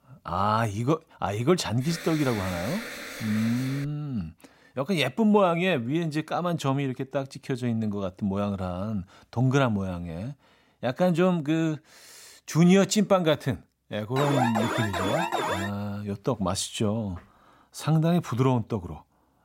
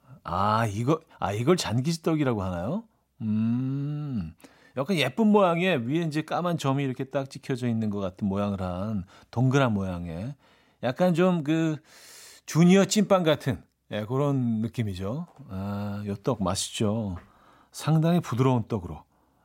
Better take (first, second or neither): second